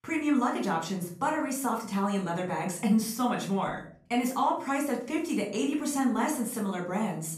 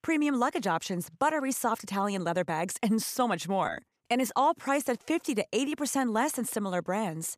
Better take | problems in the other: second | off-mic speech; far // room echo; slight; dies away in 0.4 s

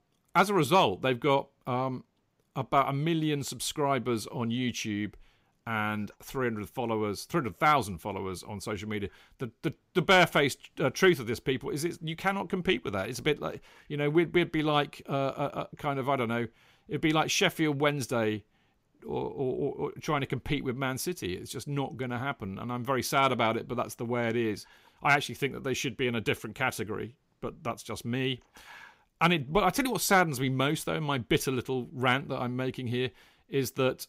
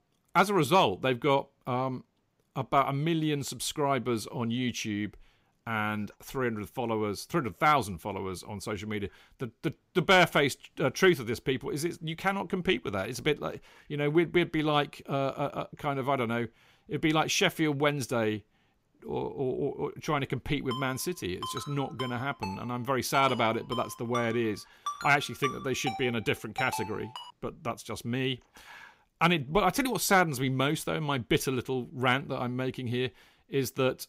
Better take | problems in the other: first | phone ringing; noticeable; from 21 to 27 s; peak 7 dB below the speech

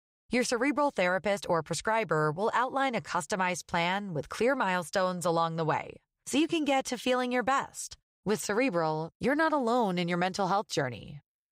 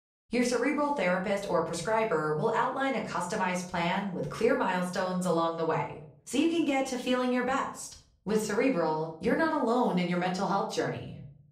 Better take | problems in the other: first | off-mic speech; far // room echo; slight; dies away in 0.5 s

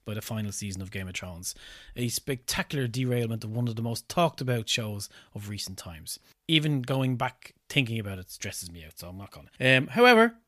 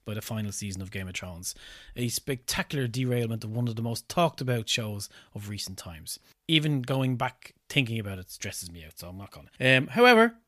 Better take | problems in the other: neither | none

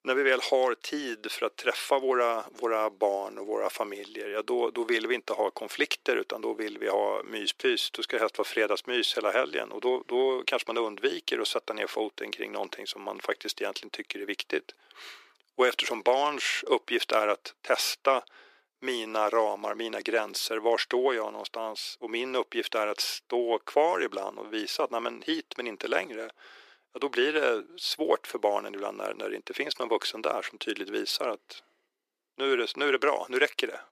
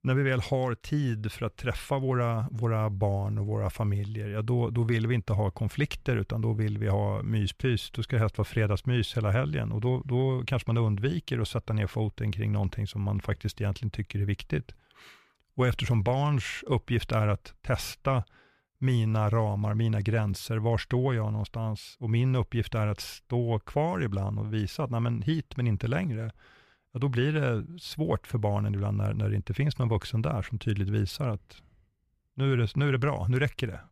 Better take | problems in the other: second | thin; very; fading below 350 Hz

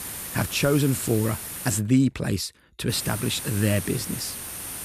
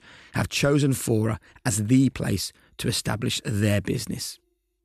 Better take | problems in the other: second | hiss; loud; until 2 s and from 3 s on; 7 dB below the speech

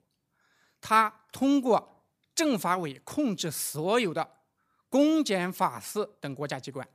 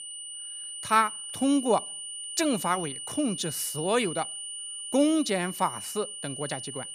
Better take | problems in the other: first | high-pitched whine; loud; throughout; 9 kHz, 7 dB below the speech

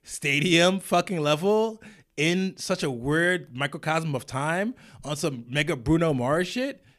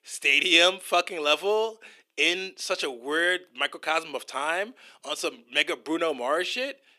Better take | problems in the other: first | thin; very; fading below 350 Hz

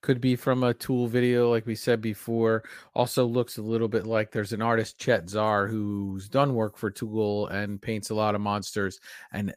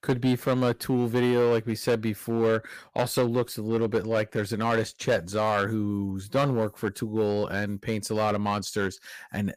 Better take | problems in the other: first | distortion; slight; 6% of the sound clipped

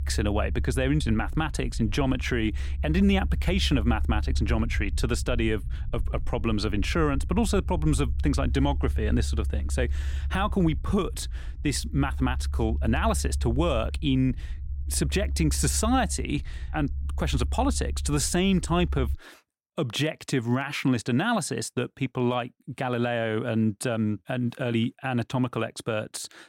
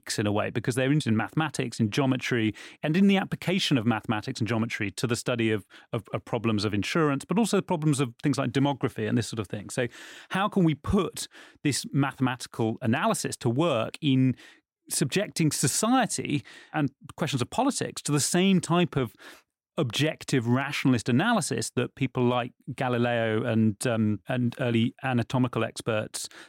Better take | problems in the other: second | low rumble; faint; until 19 s; 20 dB below the speech

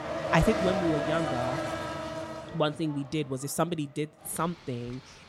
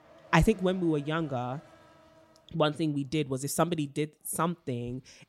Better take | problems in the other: second | traffic noise; loud; throughout; 1 dB below the speech; faint in the second

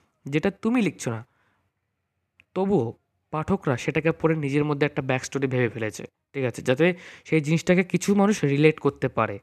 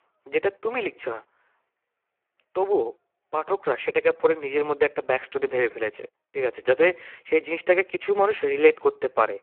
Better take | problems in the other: first | phone-call audio; poor line

